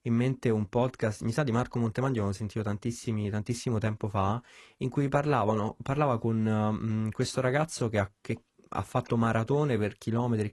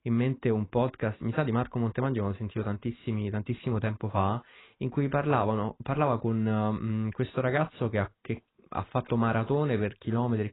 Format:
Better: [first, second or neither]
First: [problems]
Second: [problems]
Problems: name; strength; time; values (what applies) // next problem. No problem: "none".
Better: first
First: garbled, watery; slightly; nothing above 11.5 kHz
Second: garbled, watery; badly; nothing above 4 kHz